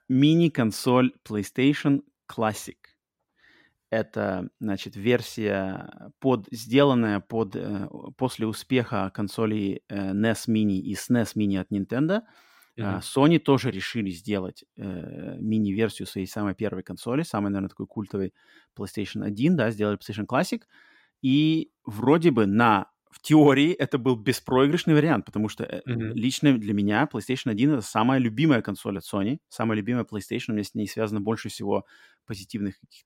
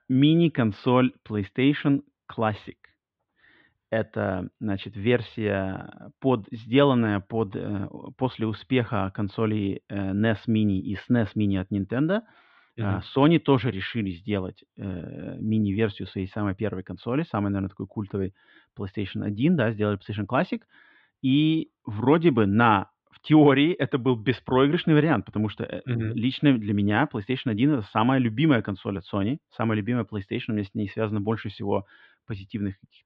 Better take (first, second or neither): first